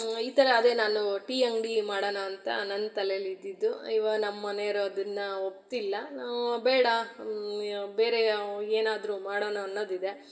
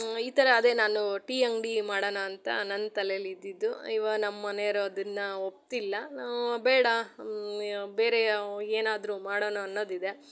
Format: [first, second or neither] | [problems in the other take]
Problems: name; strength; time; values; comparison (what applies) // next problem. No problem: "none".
second | room echo; dies away in 2.9 s